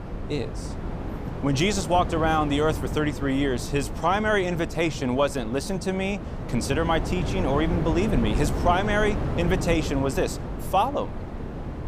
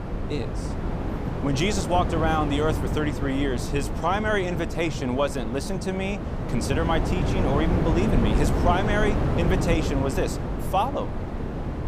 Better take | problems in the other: first | wind noise on the microphone; heavy; 5 dB below the speech; occasional gusts in the first

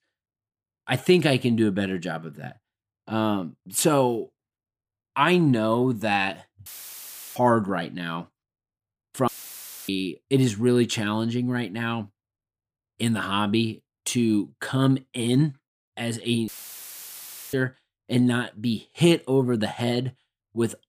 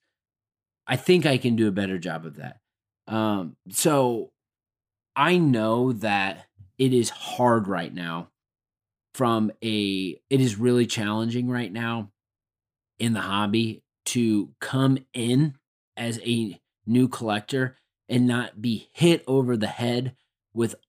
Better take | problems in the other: second | audio cutting out; filled with static; at 6.5 s for 0.5 s, at 9.5 s for 0.5 s and at 16 s for 1 s

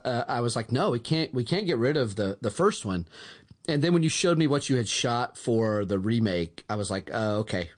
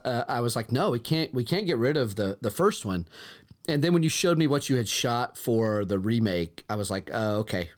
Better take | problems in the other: second | garbled, watery; slightly; nothing above 9 kHz

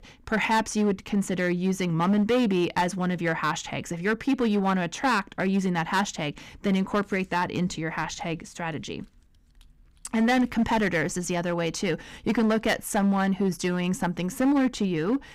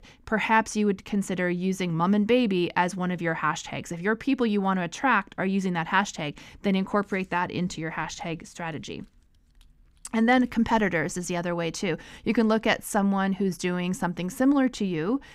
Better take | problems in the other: second | distortion; slight; 7% of the sound clipped

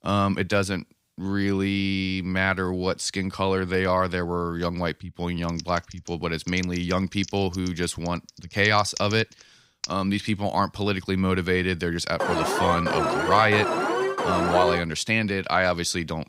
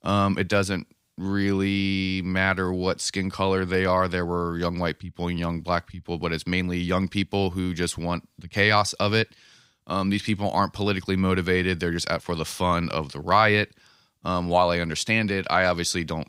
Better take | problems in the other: second | keyboard typing; faint; from 5.5 to 10 s; peak 10 dB below the speech // alarm; loud; from 12 to 15 s; peak 1 dB above the speech

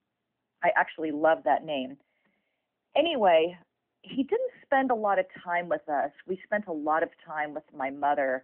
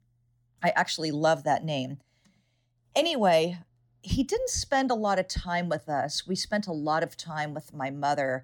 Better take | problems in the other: second | phone-call audio; nothing above 3 kHz

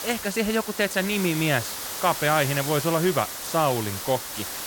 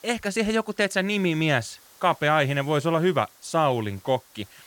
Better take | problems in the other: second | hiss; loud; throughout; 6 dB below the speech; faint in the second

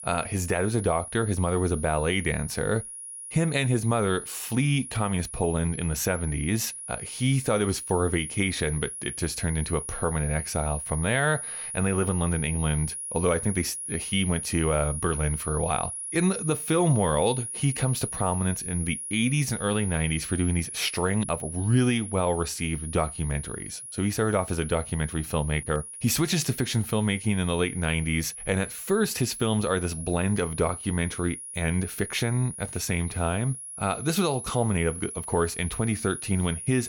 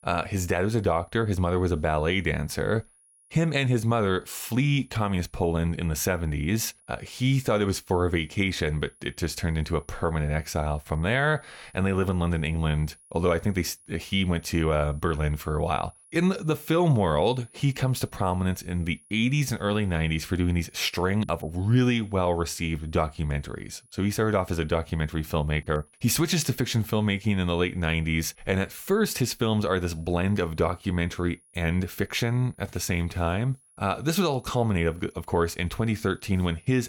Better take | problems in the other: second | high-pitched whine; loud; throughout; 10.5 kHz, 7 dB below the speech; faint in the second

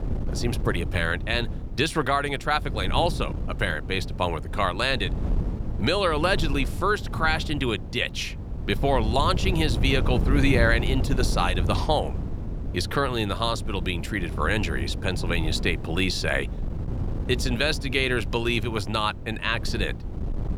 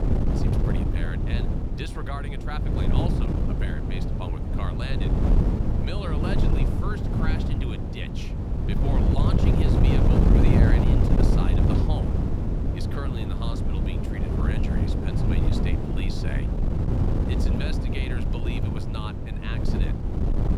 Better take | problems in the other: first | wind noise on the microphone; heavy; 4 dB above the speech; occasional gusts in the first

